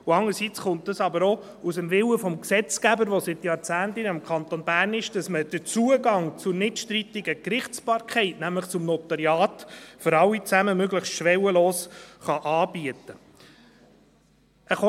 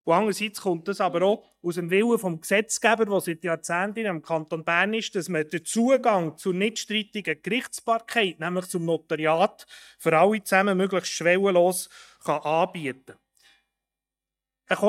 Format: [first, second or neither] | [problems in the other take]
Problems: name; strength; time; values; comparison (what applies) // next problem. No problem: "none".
first | noise reduction (neural mask model DeepFilterNet 3)